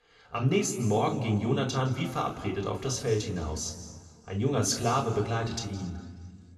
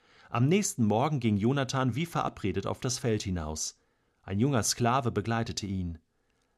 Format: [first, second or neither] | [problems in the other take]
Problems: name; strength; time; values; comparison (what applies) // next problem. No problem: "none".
second | room echo; slight; dies away in 1.6 s // off-mic speech; somewhat distant